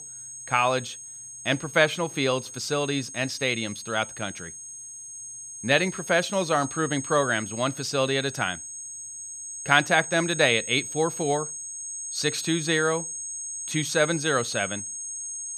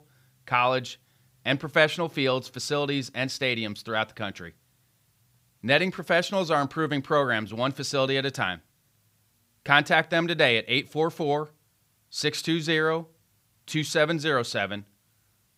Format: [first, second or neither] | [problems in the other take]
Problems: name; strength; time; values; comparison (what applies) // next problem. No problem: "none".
second | high-pitched whine; loud; throughout; 6.5 kHz, 9 dB below the speech